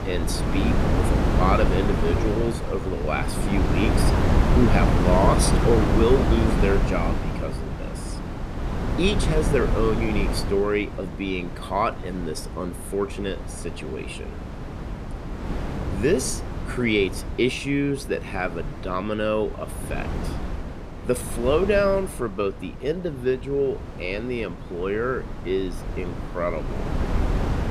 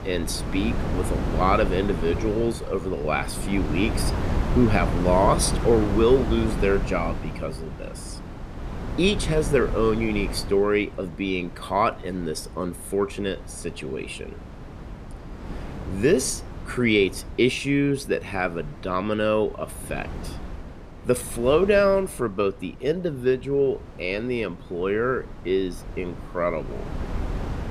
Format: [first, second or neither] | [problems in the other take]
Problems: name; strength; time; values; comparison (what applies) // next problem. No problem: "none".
second | wind noise on the microphone; heavy; 5 dB below the speech; occasional gusts in the second